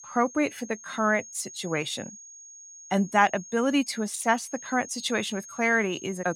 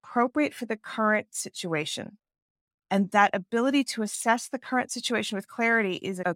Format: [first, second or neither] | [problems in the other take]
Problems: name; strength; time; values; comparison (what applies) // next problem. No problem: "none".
second | high-pitched whine; noticeable; throughout; 6.5 kHz, 15 dB below the speech